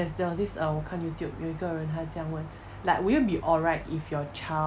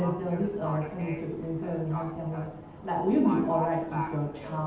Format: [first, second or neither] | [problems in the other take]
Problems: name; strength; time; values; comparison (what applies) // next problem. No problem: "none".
first | background sound (Livestock, farm animals, working animals); 11 dB below the speech // room echo; dies away in 0.8 s